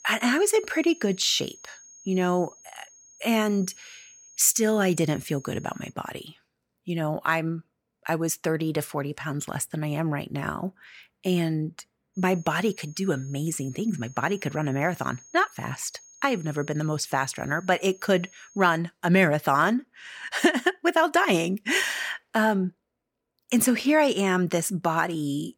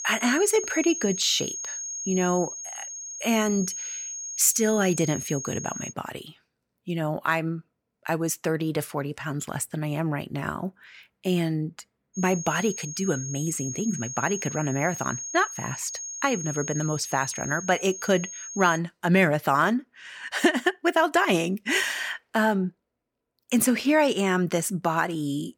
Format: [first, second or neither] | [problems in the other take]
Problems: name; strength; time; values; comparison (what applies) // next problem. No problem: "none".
first | high-pitched whine; loud; until 6 s and from 12 to 19 s; 6.5 kHz, 7 dB below the speech; faint in the first